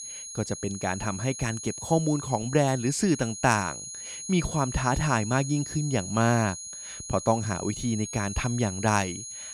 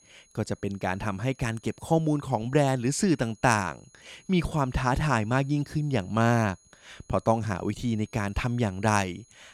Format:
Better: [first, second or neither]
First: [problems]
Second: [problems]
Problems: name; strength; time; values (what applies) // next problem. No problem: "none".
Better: second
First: high-pitched whine; loud; throughout; 6.5 kHz, 9 dB below the speech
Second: high-pitched whine; faint; throughout; 6.5 kHz, 30 dB below the speech